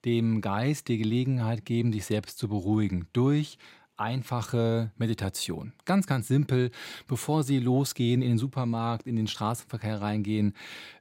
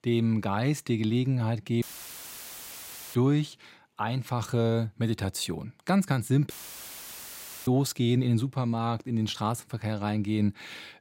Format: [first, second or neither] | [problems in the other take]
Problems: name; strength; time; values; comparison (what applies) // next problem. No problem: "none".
first | audio cutting out; filled with static; at 2 s for 1.5 s and at 6.5 s for 1 s